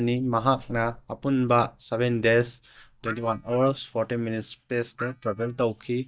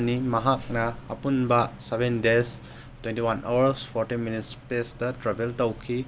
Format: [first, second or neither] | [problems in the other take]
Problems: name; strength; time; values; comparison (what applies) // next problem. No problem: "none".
second | noise reduction (neural mask model DeepFilterNet 3)